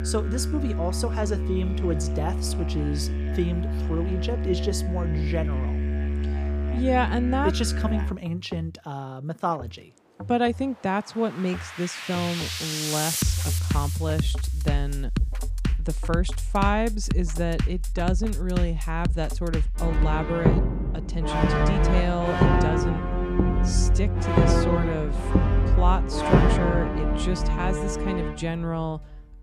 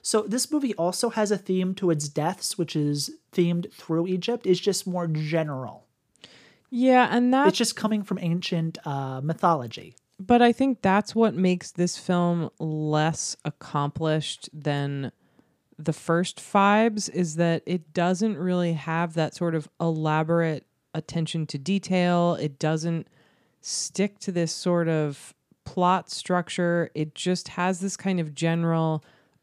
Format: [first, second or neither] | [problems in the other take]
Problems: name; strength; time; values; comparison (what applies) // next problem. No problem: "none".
second | background music; very loud; throughout; 3 dB above the speech